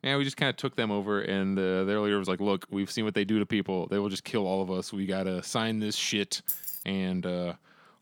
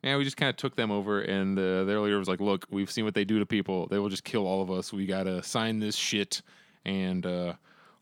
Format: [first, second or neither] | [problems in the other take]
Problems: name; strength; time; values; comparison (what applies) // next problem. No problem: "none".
second | jangling keys; noticeable; at 6.5 s; peak 2 dB below the speech